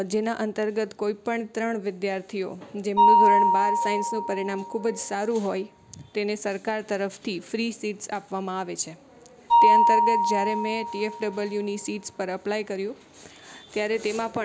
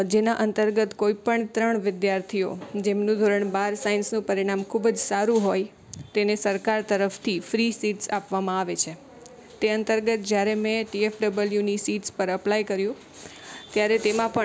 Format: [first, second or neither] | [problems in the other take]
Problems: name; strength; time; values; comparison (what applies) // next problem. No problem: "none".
second | background sound (Mallet percussion); 2 dB above the speech